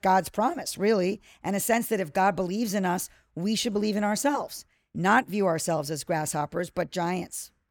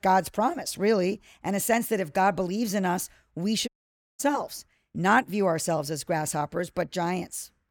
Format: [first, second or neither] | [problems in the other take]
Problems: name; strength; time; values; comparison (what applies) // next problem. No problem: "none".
first | audio cutting out; at 3.5 s for 0.5 s